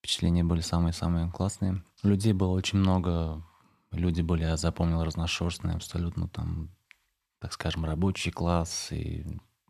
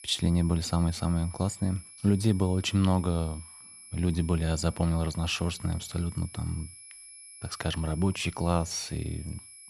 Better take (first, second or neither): first